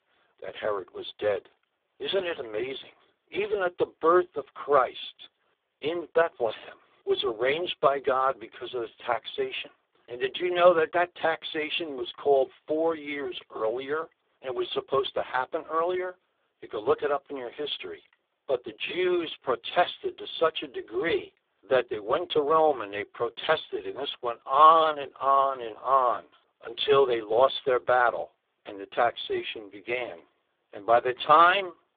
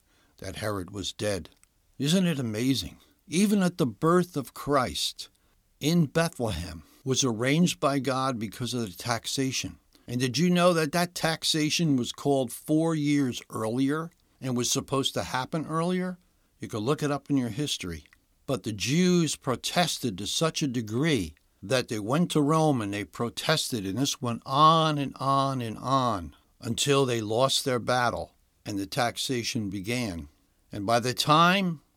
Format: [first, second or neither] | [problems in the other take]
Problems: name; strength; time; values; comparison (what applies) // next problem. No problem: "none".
second | phone-call audio; poor line; nothing above 3.5 kHz